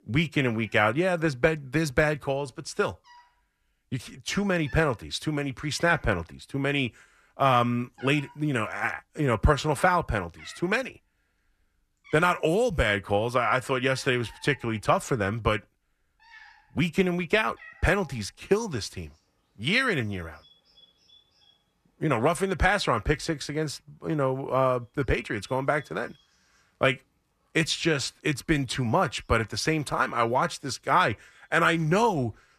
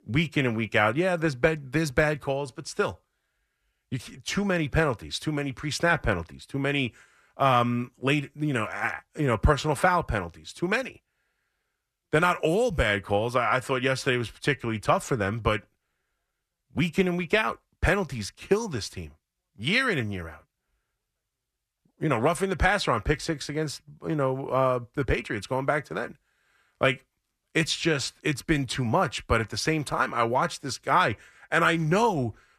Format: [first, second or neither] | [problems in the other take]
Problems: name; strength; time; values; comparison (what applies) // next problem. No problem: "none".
second | animal sounds; faint; throughout; 25 dB below the speech